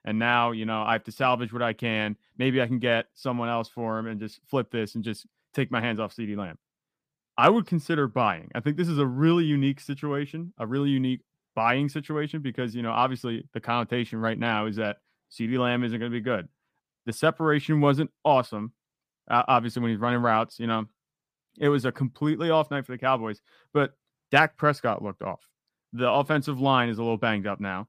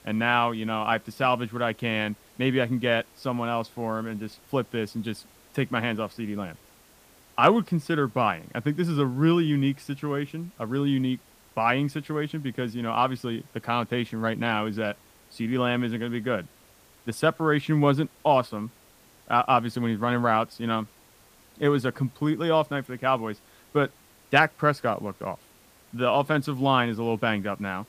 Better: first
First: none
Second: hiss; faint; throughout; 30 dB below the speech

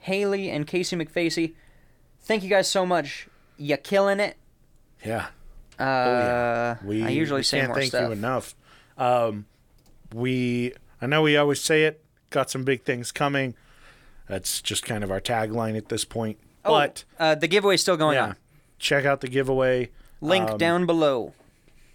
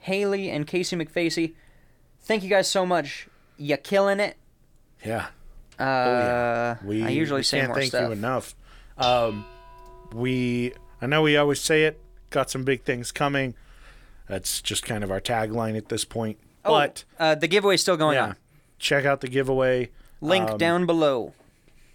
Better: first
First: none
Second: clattering dishes; noticeable; from 9 to 15 s; peak 5 dB below the speech

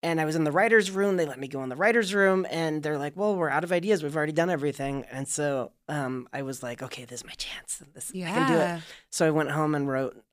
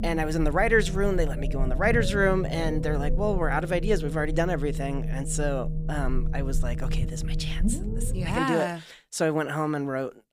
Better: first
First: none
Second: low rumble; noticeable; until 8.5 s; 15 dB below the speech

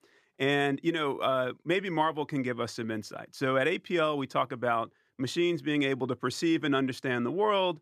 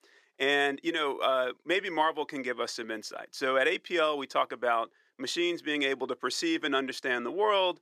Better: first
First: none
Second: thin; somewhat; fading below 450 Hz

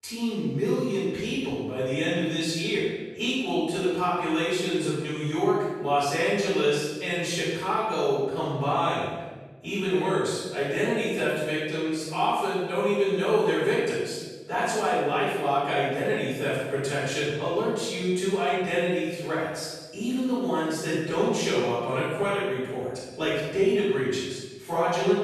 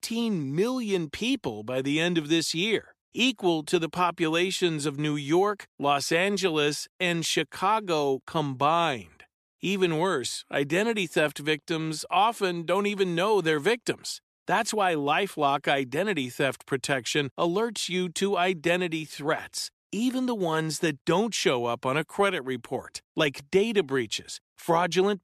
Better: second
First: room echo; strong; dies away in 1.2 s // off-mic speech; far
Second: none

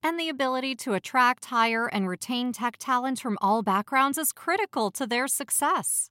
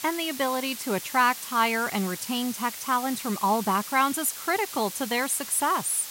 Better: first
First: none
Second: hiss; loud; throughout; 9 dB below the speech

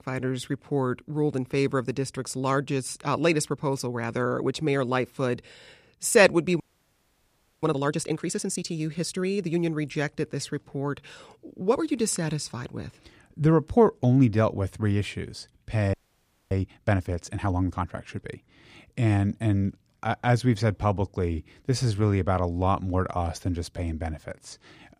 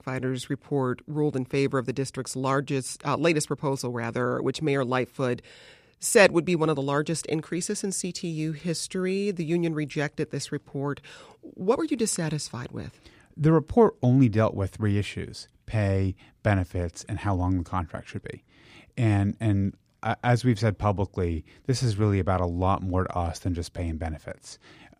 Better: second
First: audio freezing; at 6.5 s for 1 s and at 16 s for 0.5 s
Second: none

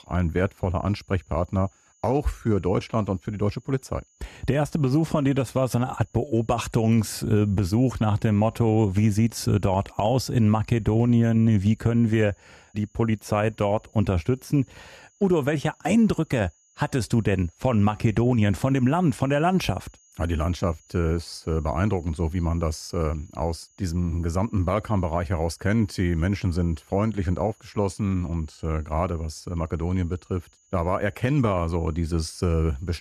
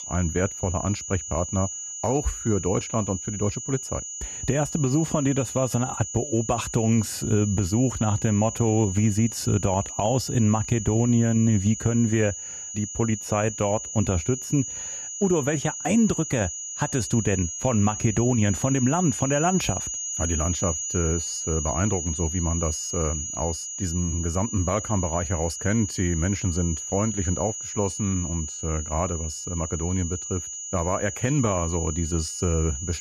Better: first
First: high-pitched whine; faint; throughout; 7 kHz, 35 dB below the speech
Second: high-pitched whine; loud; throughout; 7 kHz, 6 dB below the speech

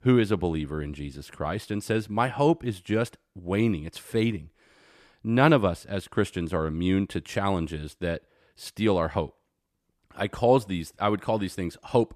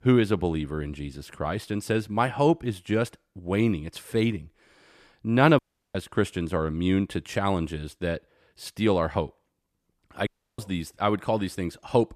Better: first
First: none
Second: audio cutting out; at 5.5 s and at 10 s

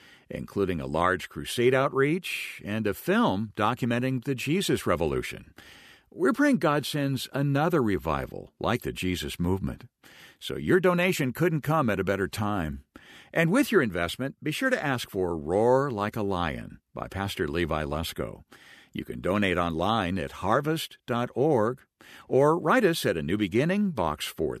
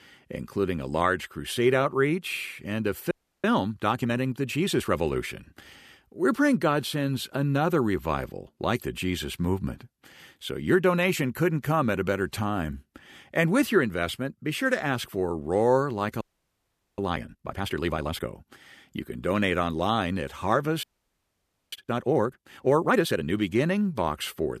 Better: first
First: none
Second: audio freezing; at 3 s, at 16 s for 1 s and at 21 s for 1 s

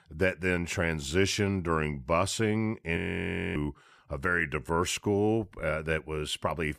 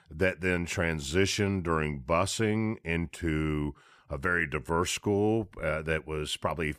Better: second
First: audio freezing; at 3 s for 0.5 s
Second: none

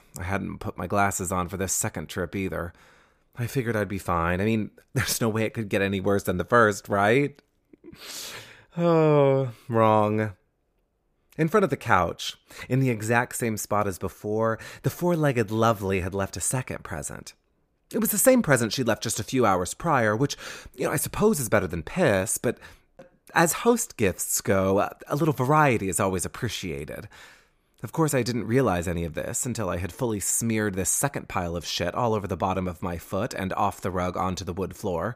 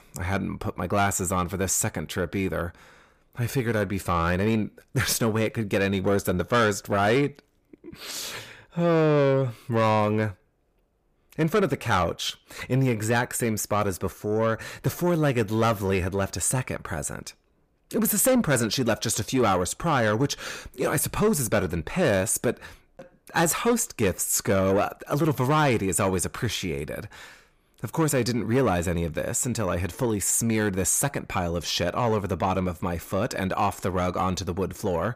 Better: first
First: none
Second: distortion; slight; 10 dB below the speech

